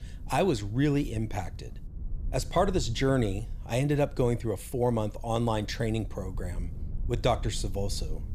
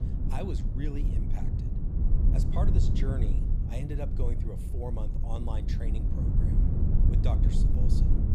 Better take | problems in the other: first | low rumble; loud; throughout; as loud as the speech; faint in the first

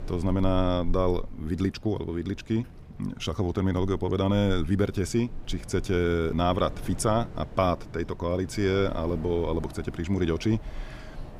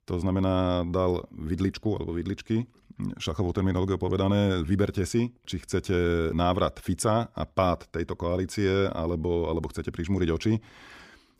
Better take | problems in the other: second | wind in the background; noticeable; throughout; 15 dB below the speech

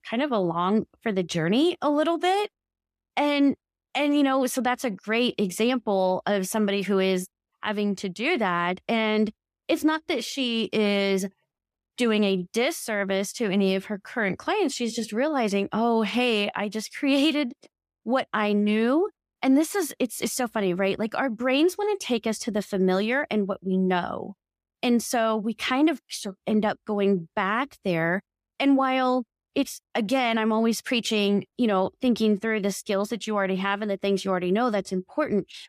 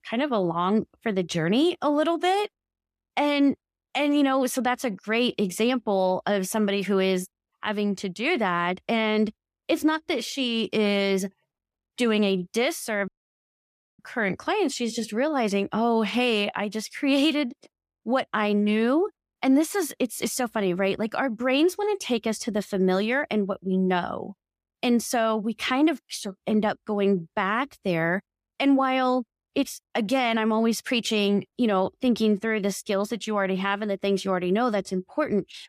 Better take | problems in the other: first | audio cutting out; at 13 s for 1 s

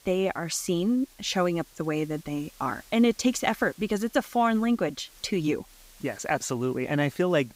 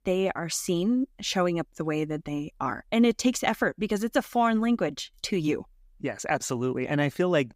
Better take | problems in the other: second | hiss; faint; throughout; 25 dB below the speech

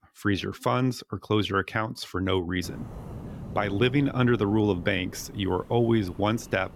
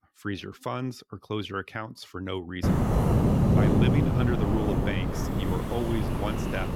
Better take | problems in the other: first | wind noise on the microphone; heavy; from 2.5 s on; 3 dB above the speech; occasional gusts in the first

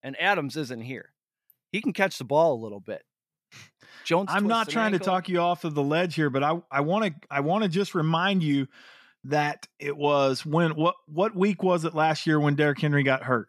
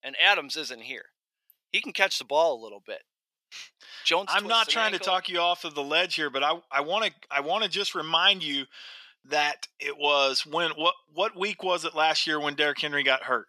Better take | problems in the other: first | thin; somewhat; fading below 550 Hz

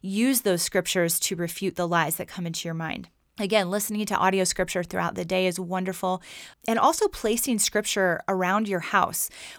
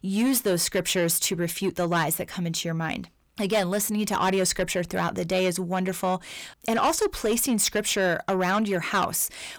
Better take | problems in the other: first | distortion; slight; 10 dB below the speech

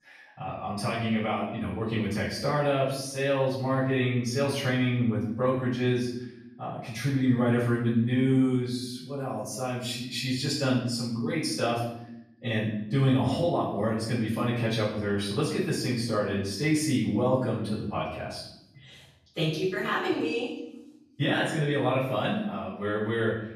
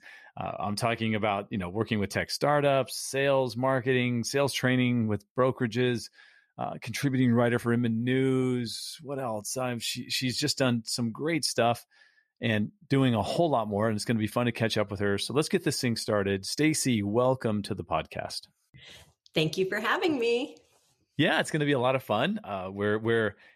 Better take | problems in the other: second | off-mic speech; far // room echo; noticeable; dies away in 0.8 s

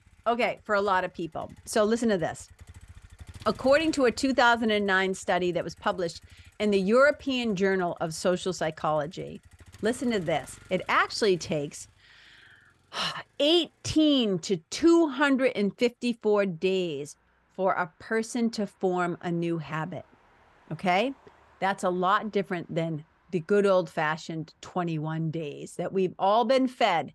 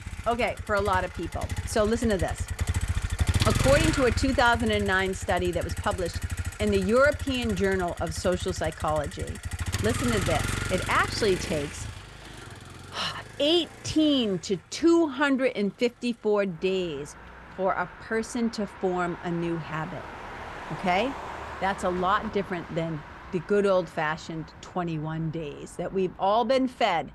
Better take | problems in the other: first | traffic noise; loud; throughout; 7 dB below the speech; faint in the first

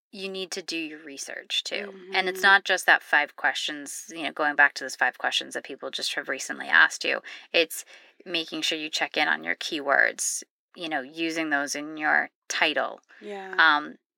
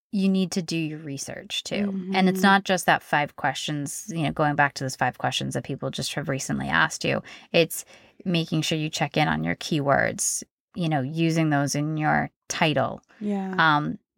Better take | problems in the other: second | thin; very; fading below 350 Hz

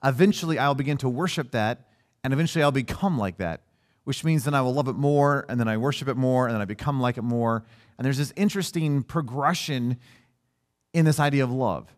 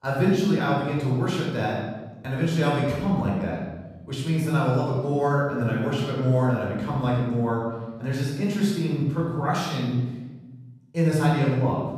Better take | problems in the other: first | off-mic speech; far // room echo; strong; dies away in 1.1 s

